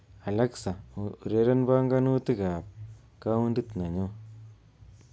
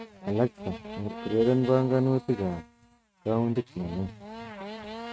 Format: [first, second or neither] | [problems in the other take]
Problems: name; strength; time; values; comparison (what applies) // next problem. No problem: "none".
first | noise reduction (neural mask model RNNoise)